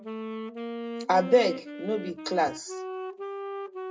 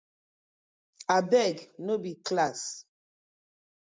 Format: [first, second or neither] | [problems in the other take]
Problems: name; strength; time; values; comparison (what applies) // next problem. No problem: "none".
second | background sound (Wind instrument, woodwind instrument); 7 dB below the speech // room echo; dies away in 0.2 s